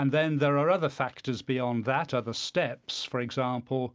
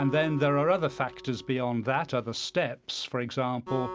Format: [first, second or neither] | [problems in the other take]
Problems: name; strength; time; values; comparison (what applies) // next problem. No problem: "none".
first | background sound (Acoustic guitar); 15 dB below the speech